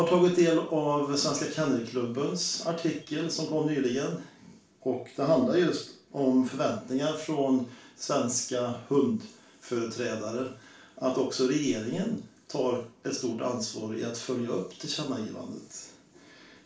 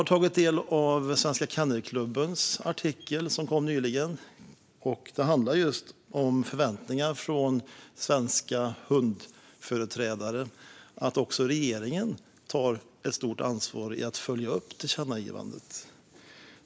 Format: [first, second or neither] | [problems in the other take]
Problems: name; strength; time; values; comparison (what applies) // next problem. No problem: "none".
second | room echo; dies away in 0.3 s